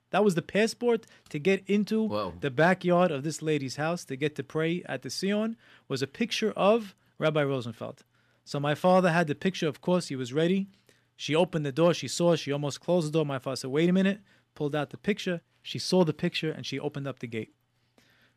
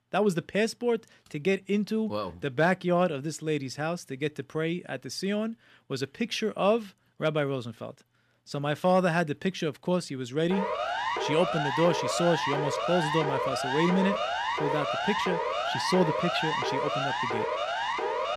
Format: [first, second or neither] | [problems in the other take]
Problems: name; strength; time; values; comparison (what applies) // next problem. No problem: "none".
first | siren; loud; from 11 s on; peak 1 dB above the speech